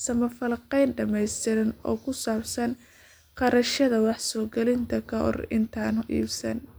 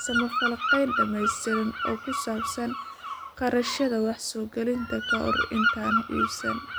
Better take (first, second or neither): first